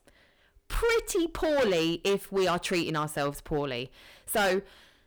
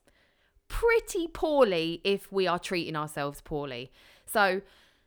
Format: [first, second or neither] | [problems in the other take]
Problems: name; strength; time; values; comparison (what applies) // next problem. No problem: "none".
second | distortion; heavy; 11% of the sound clipped